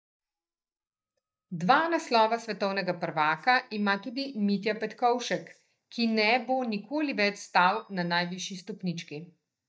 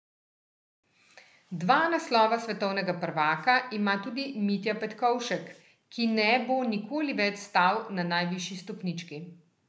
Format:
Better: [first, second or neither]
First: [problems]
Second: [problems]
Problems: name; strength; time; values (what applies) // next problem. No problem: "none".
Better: second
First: noise reduction (neural mask model DeepFilterNet 3)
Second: none